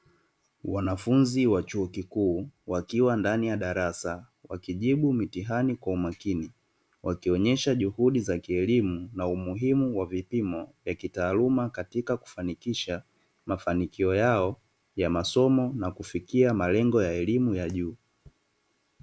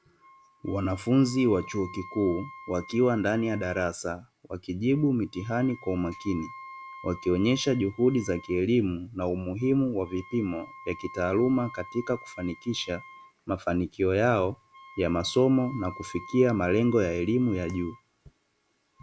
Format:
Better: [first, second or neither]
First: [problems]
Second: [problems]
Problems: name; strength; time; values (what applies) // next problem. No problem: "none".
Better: first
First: none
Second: background sound (Wind instrument, woodwind instrument); 20 dB below the speech